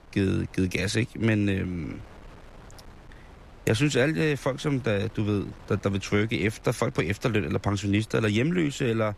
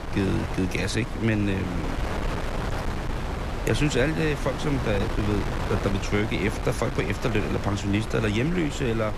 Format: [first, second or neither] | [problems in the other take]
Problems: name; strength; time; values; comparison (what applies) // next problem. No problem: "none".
first | wind noise on the microphone; heavy; 5 dB below the speech; occasional gusts in the first